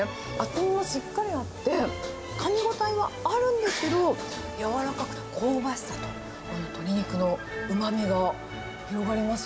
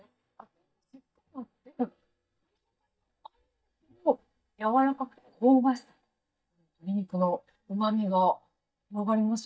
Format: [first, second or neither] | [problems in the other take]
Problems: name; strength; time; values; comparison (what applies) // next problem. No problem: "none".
first | noise reduction (neural mask model DeepFilterNet 3)